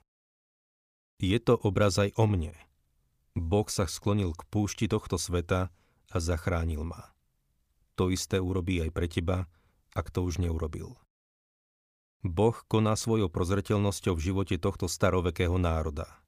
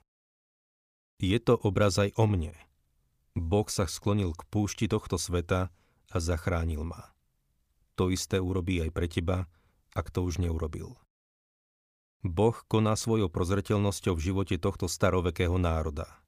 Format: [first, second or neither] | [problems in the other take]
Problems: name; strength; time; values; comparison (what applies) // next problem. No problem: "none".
neither | none